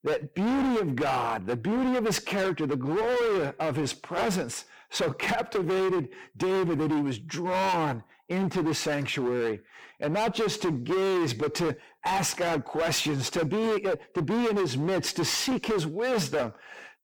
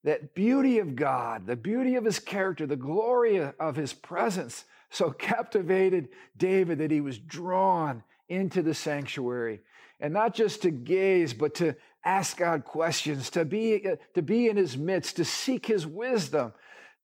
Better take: second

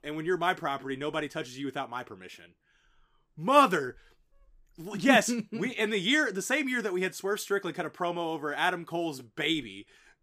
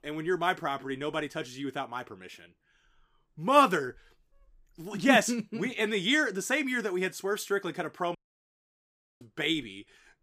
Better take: first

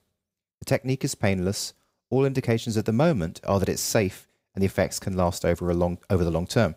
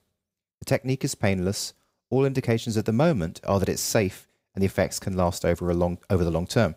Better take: neither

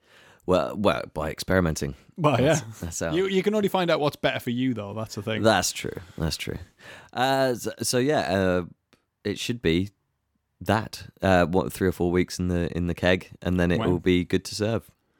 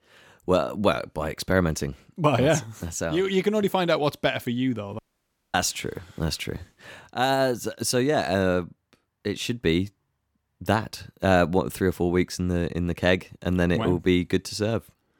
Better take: first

